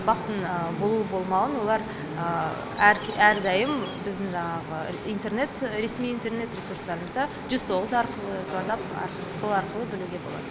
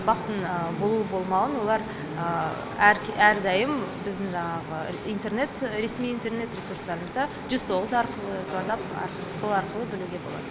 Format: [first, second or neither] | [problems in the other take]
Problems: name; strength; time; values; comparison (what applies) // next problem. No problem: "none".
second | background sound (Bird); 19 dB below the speech